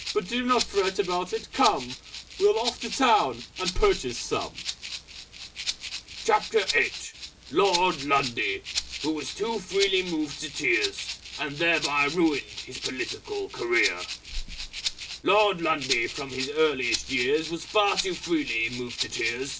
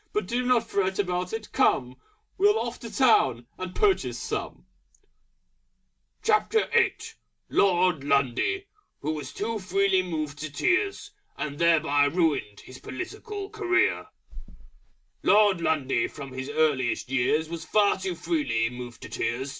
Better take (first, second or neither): second